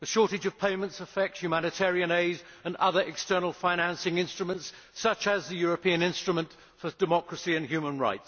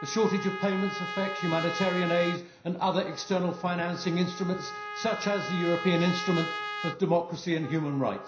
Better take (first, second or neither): first